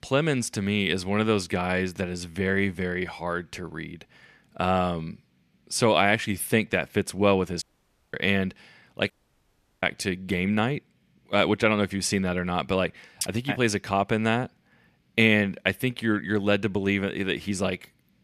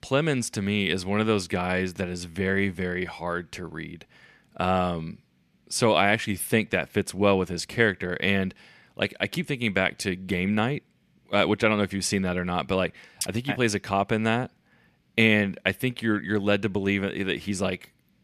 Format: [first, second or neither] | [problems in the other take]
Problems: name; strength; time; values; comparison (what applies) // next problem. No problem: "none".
second | audio cutting out; at 7.5 s for 0.5 s and at 9 s for 0.5 s